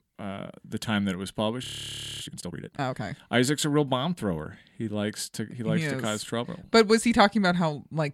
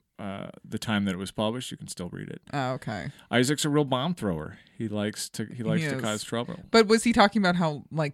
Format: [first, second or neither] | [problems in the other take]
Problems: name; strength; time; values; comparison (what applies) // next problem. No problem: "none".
second | audio freezing; at 1.5 s for 0.5 s